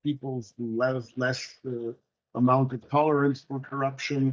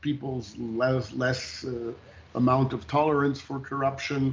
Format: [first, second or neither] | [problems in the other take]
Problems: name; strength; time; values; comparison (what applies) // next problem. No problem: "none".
second | noise reduction (neural mask model DeepFilterNet 3)